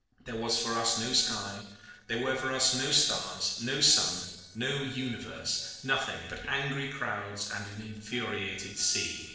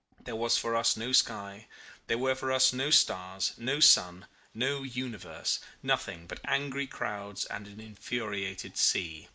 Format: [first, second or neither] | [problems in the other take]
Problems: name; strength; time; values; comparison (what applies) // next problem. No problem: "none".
second | noise reduction (neural separator model SepFormer DNS4)